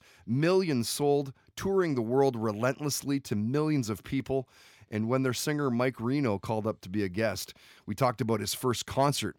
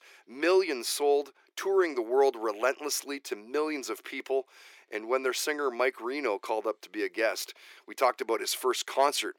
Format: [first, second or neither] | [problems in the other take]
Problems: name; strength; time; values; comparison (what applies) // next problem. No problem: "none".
first | thin; very; fading below 350 Hz